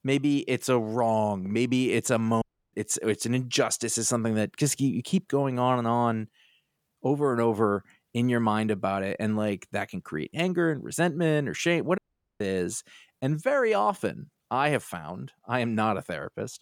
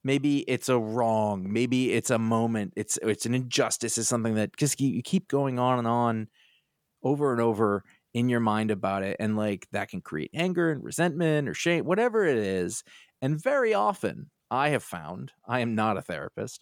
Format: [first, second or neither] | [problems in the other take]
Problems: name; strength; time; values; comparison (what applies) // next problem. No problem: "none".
second | audio cutting out; at 2.5 s and at 12 s